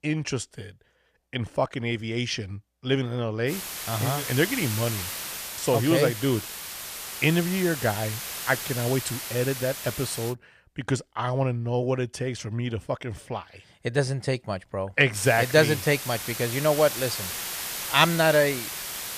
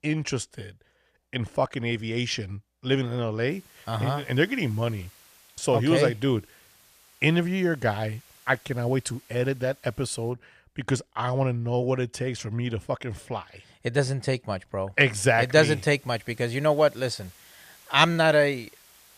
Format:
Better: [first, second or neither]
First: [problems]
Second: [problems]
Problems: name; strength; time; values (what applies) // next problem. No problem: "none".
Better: second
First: hiss; loud; from 3.5 to 10 s and from 15 s on; 6 dB below the speech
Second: hiss; faint; from 3.5 to 10 s and from 15 s on; 25 dB below the speech